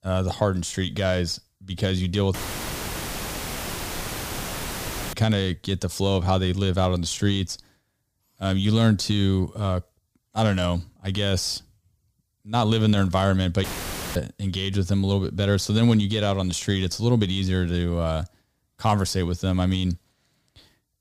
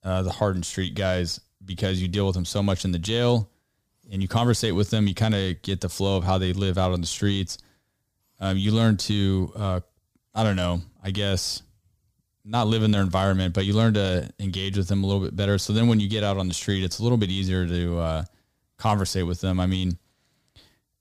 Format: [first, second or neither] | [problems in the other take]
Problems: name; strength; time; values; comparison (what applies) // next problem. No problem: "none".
second | audio cutting out; filled with static; at 2.5 s for 3 s and at 14 s for 0.5 s